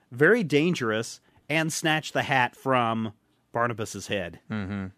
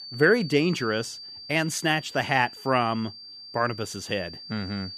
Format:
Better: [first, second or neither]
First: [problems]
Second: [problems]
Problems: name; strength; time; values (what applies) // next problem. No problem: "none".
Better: first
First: none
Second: high-pitched whine; noticeable; throughout; 4.5 kHz, 15 dB below the speech